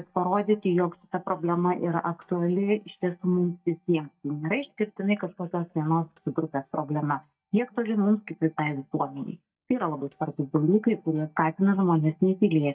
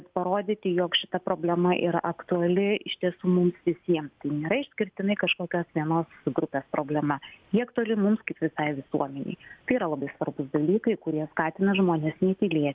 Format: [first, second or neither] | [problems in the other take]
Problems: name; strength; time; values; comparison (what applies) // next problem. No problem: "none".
second | noise reduction (neural mask model DeepFilterNet 3)